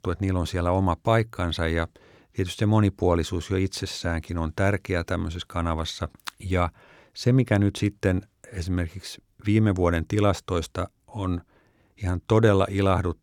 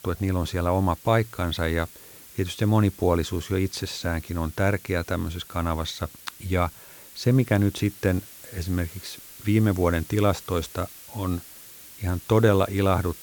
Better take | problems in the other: first | hiss; noticeable; throughout; 20 dB below the speech

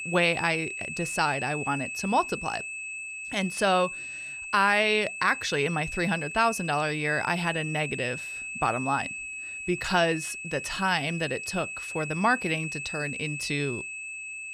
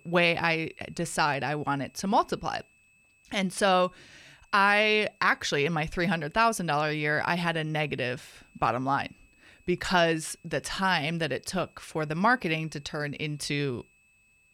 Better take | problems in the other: second | high-pitched whine; loud; throughout; 2.5 kHz, 7 dB below the speech; faint in the second

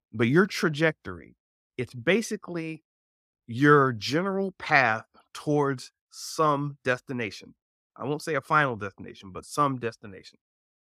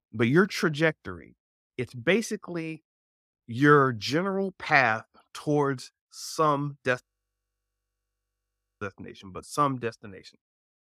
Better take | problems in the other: first | audio freezing; at 7 s for 2 s

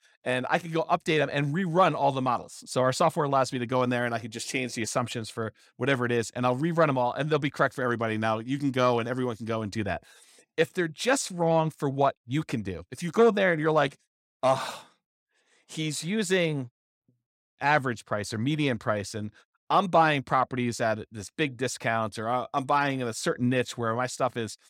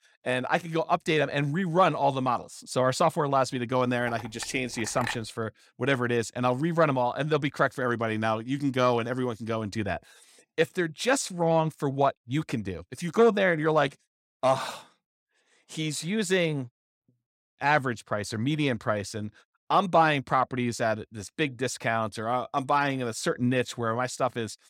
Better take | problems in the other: first | clattering dishes; noticeable; from 4 to 5 s; peak 8 dB below the speech

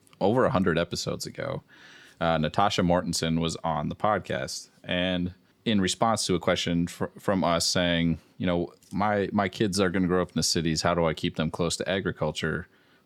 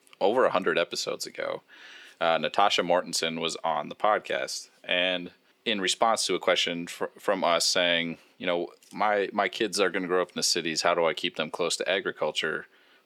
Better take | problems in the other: first | thin; somewhat; fading below 400 Hz

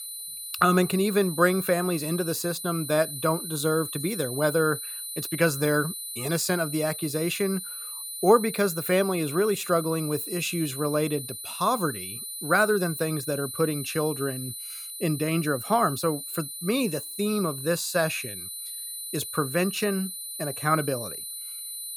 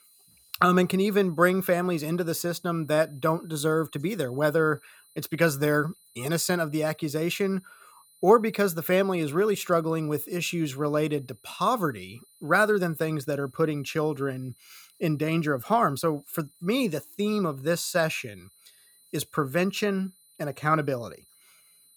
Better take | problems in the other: second | high-pitched whine; loud; throughout; 9.5 kHz, 7 dB below the speech; faint in the second

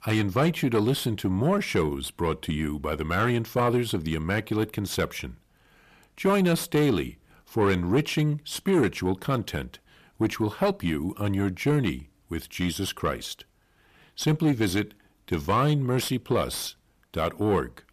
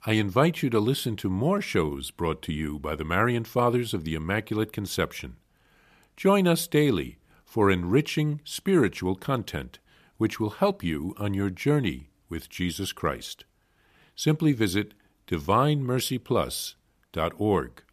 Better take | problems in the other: second | distortion; slight; 10 dB below the speech

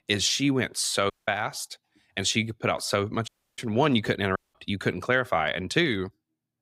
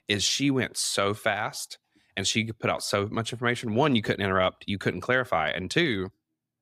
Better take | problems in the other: second | audio cutting out; at 1 s, at 3.5 s and at 4.5 s

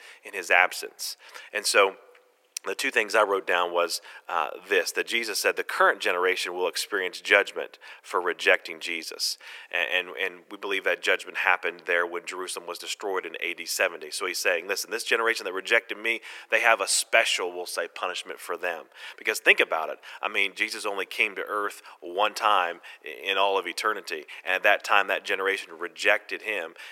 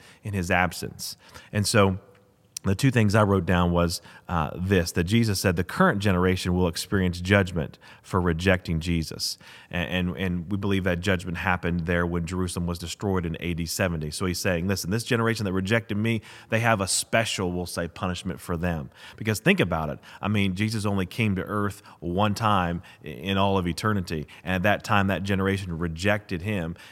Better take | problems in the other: second | thin; very; fading below 400 Hz

